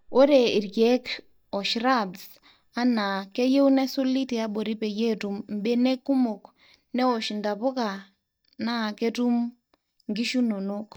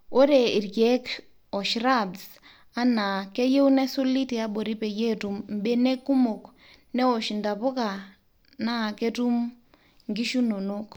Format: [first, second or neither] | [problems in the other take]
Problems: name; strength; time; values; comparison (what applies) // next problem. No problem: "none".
second | noise reduction (neural mask model DeepFilterNet 3)